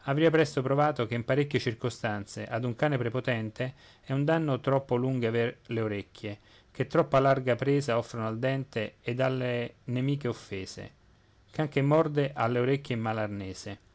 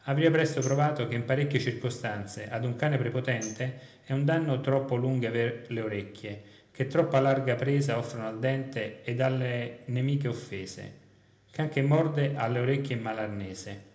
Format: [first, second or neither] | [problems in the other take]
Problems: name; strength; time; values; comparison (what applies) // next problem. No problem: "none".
first | background sound (Tambourine); 20 dB below the speech // room echo; dies away in 0.8 s